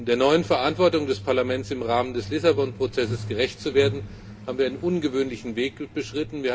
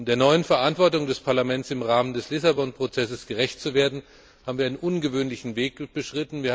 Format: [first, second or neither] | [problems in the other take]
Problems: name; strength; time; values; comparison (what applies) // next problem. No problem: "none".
second | background sound (Truck); 13 dB below the speech // room echo; dies away in 0.3 s